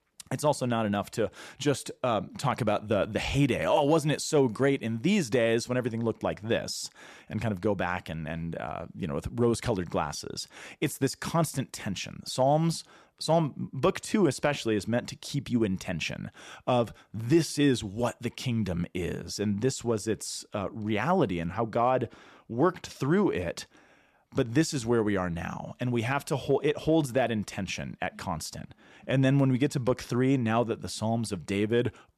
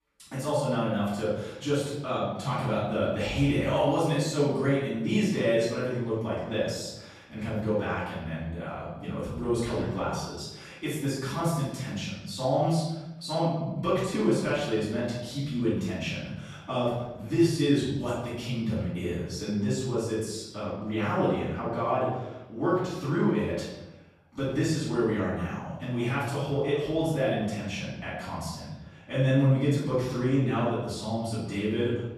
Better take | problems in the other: first | room echo; noticeable; dies away in 0.9 s // off-mic speech; far

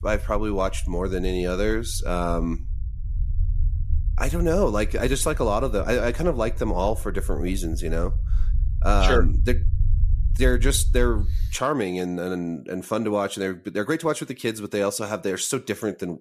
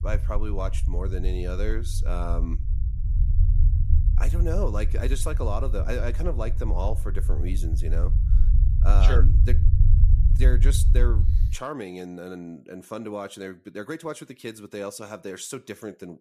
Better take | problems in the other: first | low rumble; loud; until 12 s; 8 dB below the speech; faint in the first

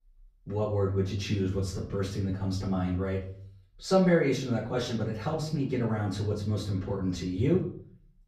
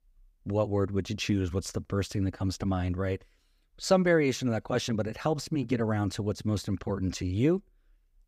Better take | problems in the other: second | room echo; slight; dies away in 0.5 s // off-mic speech; far

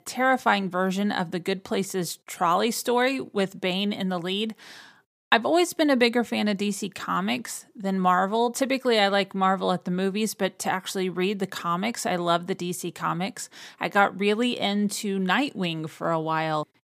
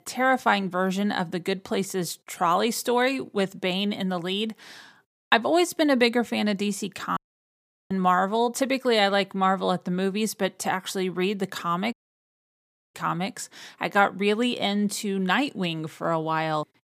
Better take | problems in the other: first | audio cutting out; at 7 s for 0.5 s and at 12 s for 1 s

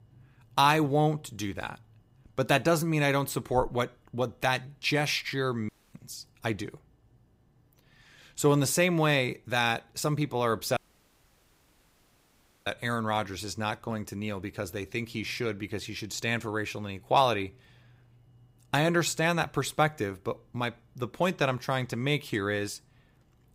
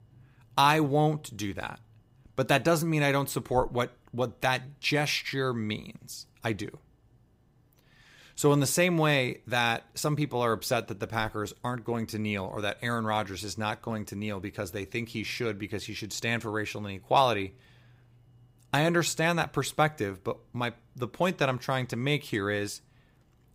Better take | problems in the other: second | audio cutting out; at 5.5 s and at 11 s for 2 s

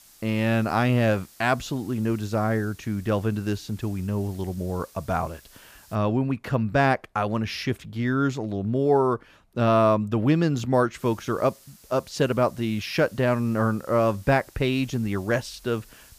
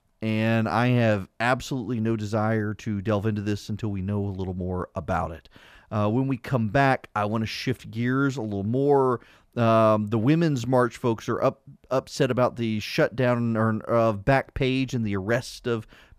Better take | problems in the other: second | hiss; faint; until 6 s and from 11 s on; 25 dB below the speech

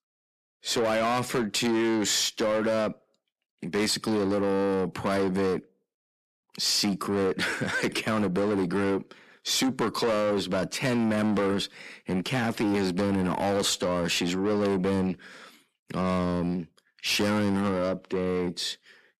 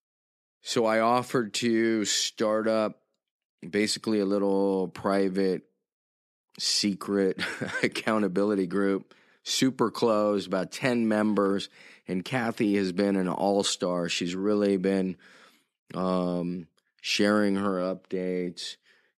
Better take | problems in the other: second | distortion; heavy; 7 dB below the speech

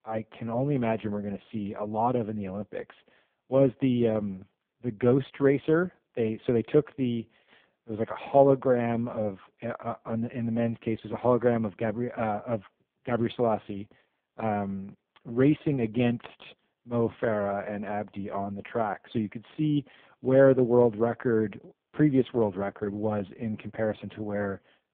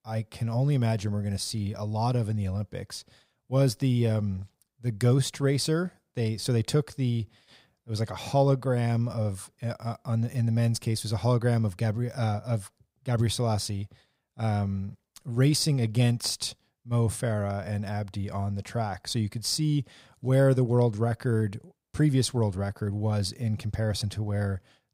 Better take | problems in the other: second | phone-call audio; poor line; nothing above 3.5 kHz

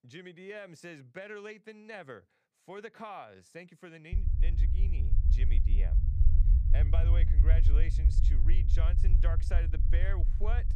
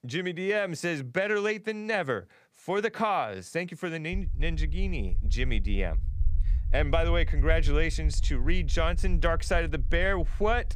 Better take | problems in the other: second | low rumble; loud; from 4 s on; 4 dB below the speech; faint in the second

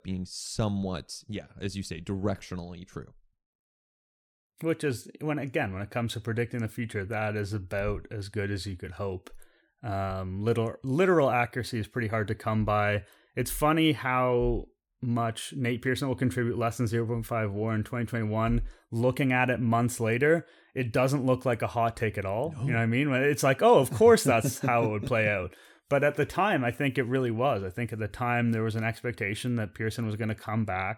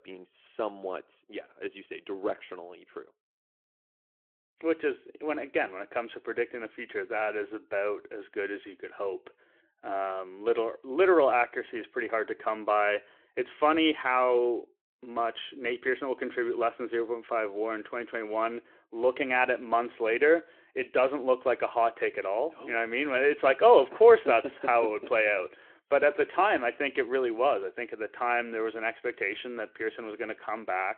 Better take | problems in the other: first | phone-call audio

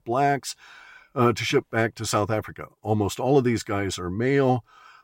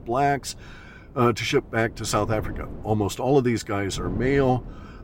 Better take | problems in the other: first | wind noise on the microphone; occasional gusts; 20 dB below the speech

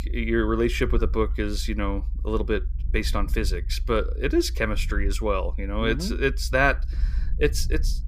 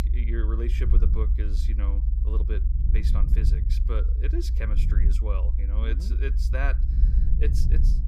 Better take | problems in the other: first | low rumble; loud; throughout; 5 dB below the speech; faint in the first

